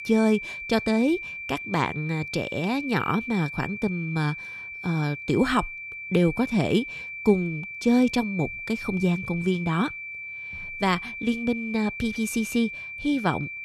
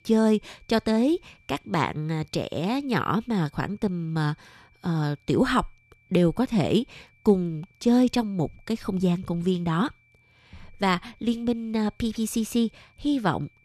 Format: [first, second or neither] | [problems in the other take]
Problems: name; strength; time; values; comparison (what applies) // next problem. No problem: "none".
second | high-pitched whine; loud; throughout; 2.5 kHz, 8 dB below the speech; faint in the second